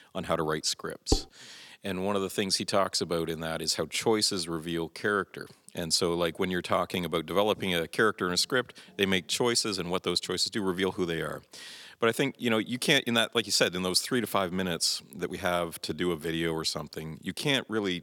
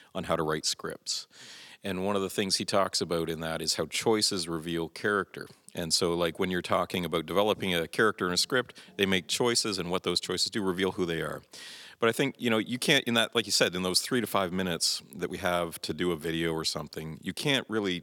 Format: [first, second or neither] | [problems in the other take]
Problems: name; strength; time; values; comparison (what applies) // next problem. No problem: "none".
second | clattering dishes; noticeable; at 1 s; peak 4 dB below the speech